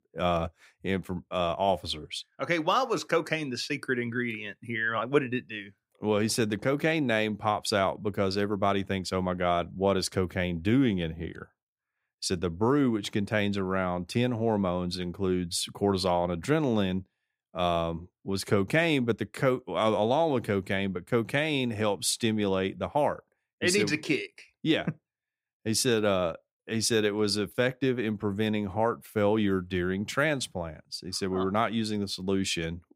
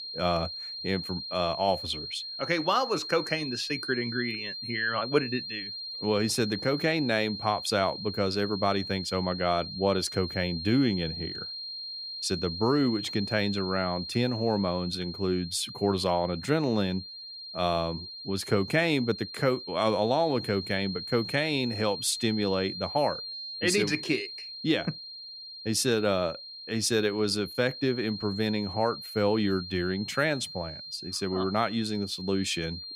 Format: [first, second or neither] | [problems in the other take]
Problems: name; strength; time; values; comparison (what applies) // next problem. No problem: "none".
first | high-pitched whine; loud; throughout; 4 kHz, 8 dB below the speech